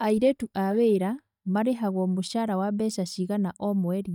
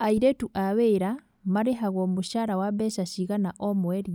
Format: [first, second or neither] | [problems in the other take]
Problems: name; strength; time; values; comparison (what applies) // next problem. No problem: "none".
second | noise reduction (neural mask model DeepFilterNet 3)